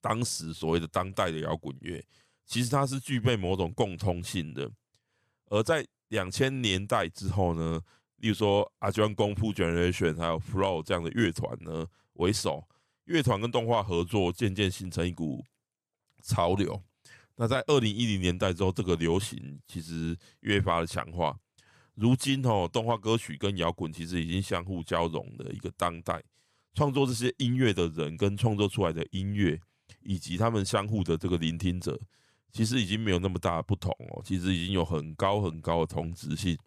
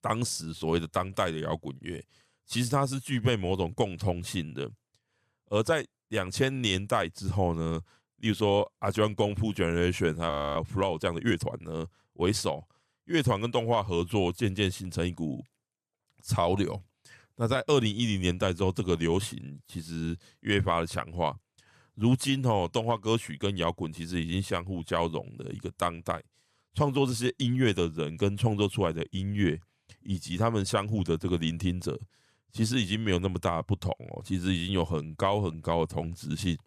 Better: first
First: none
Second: audio freezing; at 10 s

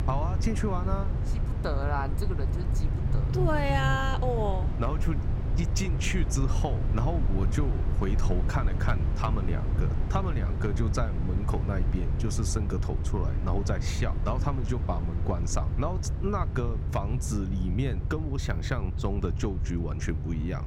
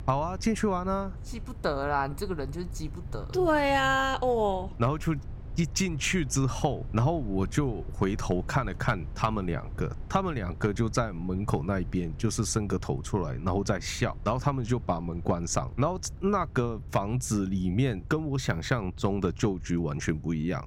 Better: second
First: low rumble; loud; throughout; 8 dB below the speech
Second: low rumble; faint; throughout; 25 dB below the speech

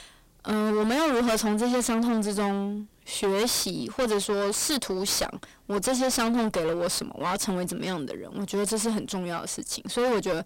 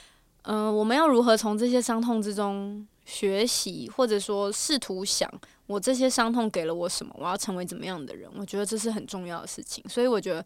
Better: second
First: distortion; heavy; 24% of the sound clipped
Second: none

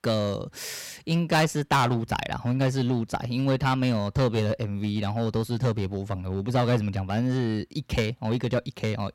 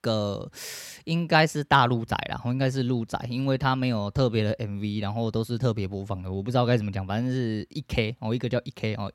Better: second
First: distortion; slight; 6% of the sound clipped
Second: none

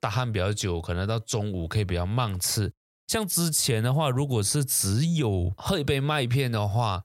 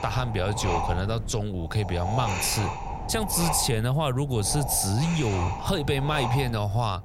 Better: first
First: none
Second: wind noise on the microphone; heavy; 2 dB below the speech

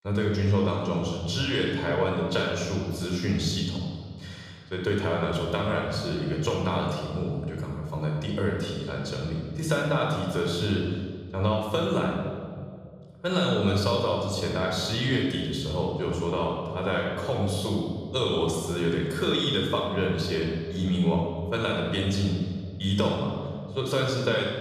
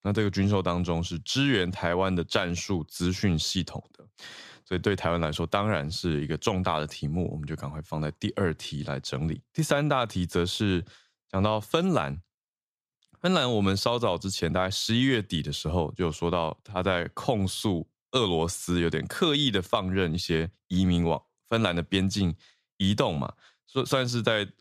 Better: second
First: off-mic speech; somewhat distant // room echo; noticeable; dies away in 1.7 s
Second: none

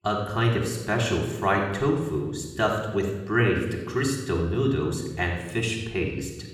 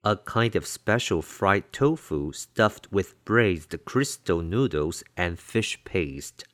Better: second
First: room echo; noticeable; dies away in 1 s // off-mic speech; somewhat distant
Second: none

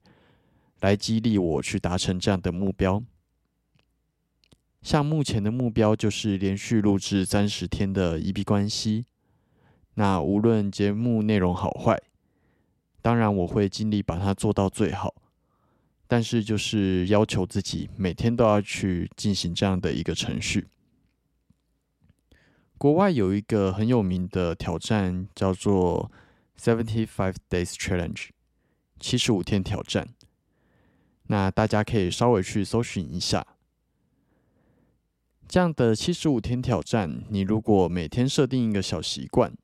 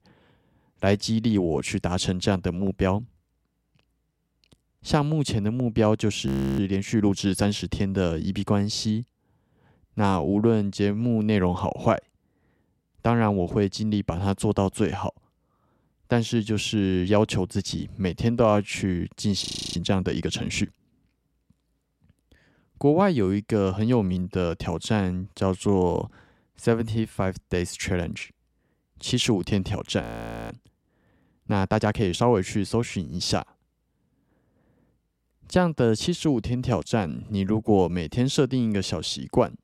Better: first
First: none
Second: audio freezing; at 6.5 s, at 19 s and at 30 s

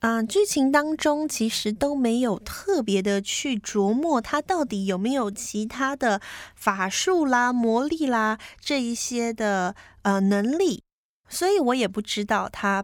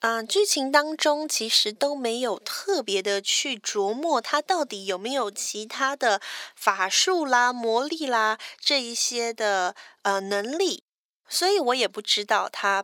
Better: first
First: none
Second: thin; somewhat; fading below 400 Hz

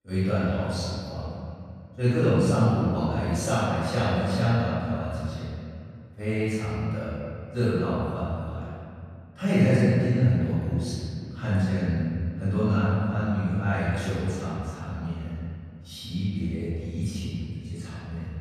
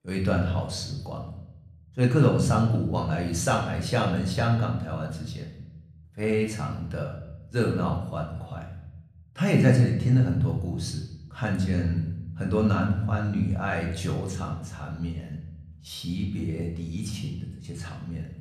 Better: second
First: room echo; strong; dies away in 2.4 s // off-mic speech; far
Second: room echo; slight; dies away in 0.9 s // off-mic speech; somewhat distant

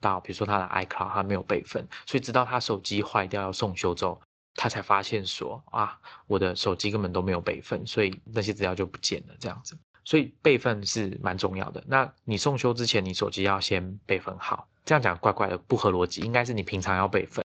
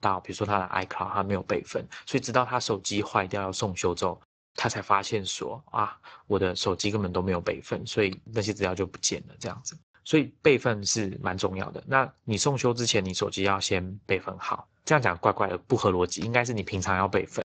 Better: first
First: garbled, watery; slightly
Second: garbled, watery; badly; nothing above 7.5 kHz

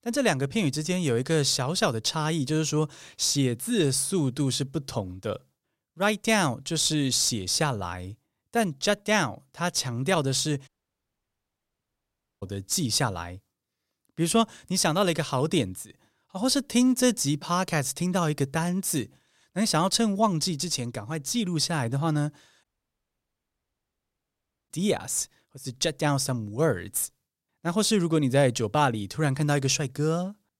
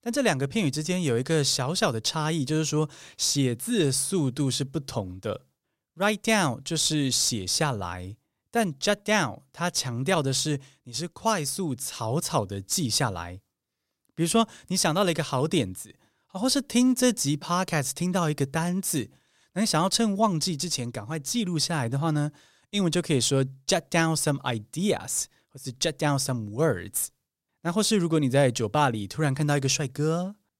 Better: second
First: audio cutting out; at 11 s for 1.5 s and at 23 s for 2 s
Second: none

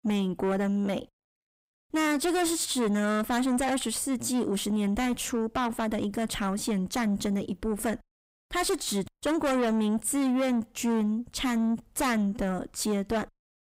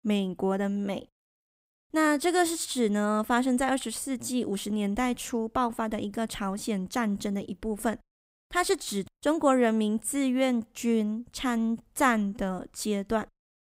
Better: second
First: distortion; heavy; 7 dB below the speech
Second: none

